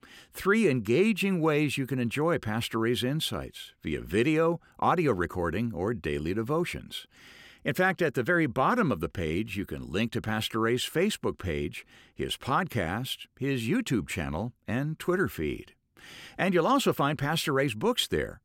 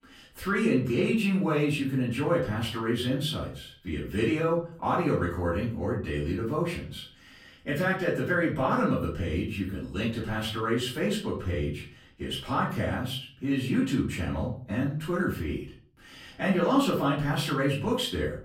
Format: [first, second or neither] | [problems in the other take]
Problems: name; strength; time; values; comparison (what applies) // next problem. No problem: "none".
first | off-mic speech; far // room echo; slight; dies away in 0.4 s